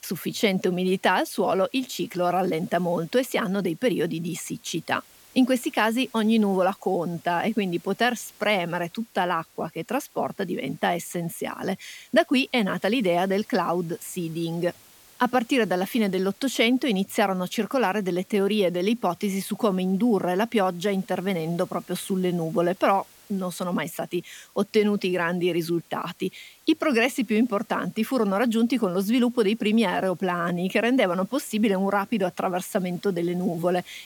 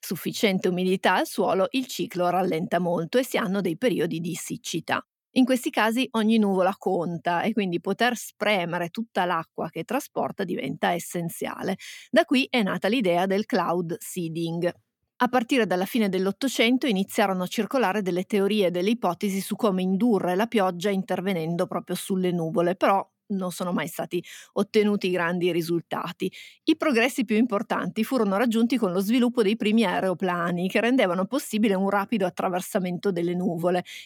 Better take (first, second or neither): second